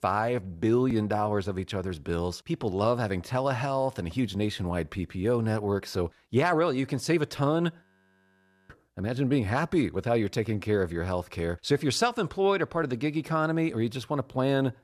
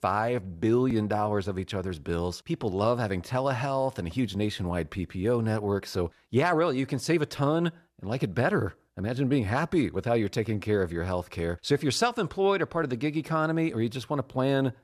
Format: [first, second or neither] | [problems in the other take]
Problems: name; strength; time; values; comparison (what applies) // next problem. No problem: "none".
second | audio freezing; at 8 s for 1 s